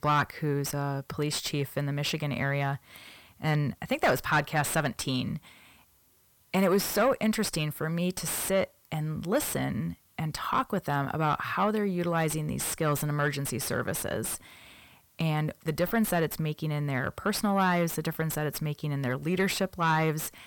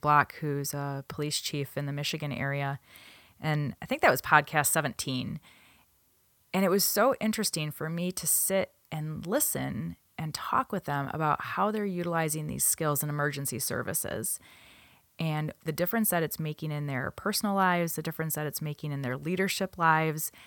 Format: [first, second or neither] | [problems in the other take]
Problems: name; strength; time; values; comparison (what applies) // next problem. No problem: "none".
second | distortion; heavy; 7 dB below the speech